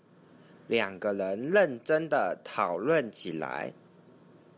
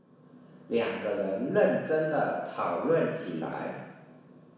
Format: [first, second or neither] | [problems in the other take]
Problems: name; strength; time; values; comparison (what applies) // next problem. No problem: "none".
first | room echo; dies away in 1.1 s